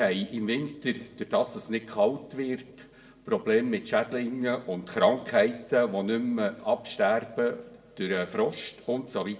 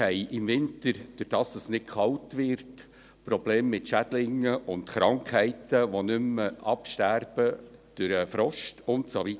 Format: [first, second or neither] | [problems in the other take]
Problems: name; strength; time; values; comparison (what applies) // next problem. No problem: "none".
second | room echo; dies away in 1.2 s